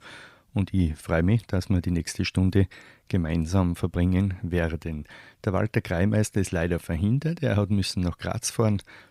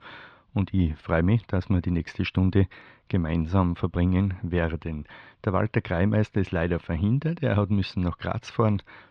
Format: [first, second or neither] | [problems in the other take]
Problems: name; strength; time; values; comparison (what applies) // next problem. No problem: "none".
first | muffled; slightly; fading above 3.5 kHz